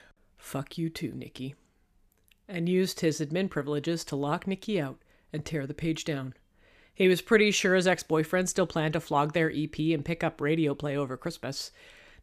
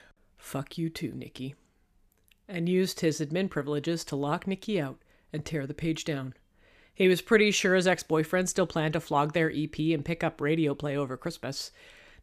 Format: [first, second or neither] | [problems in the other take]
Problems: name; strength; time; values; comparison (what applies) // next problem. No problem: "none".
neither | none